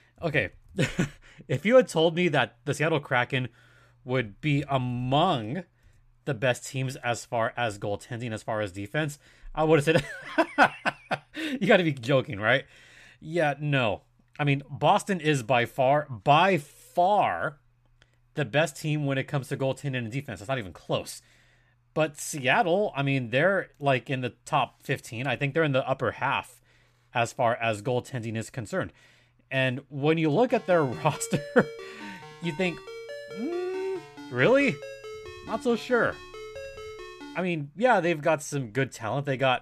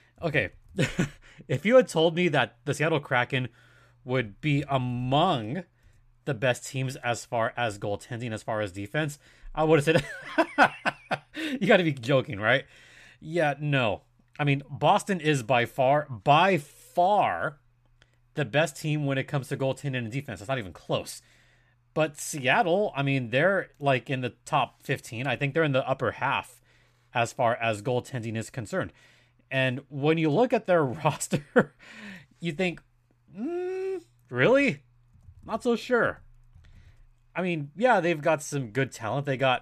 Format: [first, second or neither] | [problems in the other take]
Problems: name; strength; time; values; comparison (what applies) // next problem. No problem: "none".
second | phone ringing; faint; from 30 to 37 s; peak 15 dB below the speech